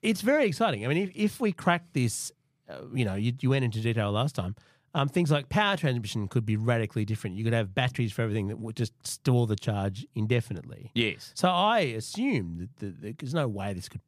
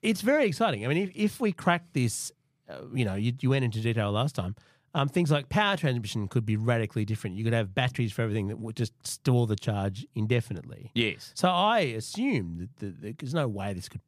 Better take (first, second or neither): neither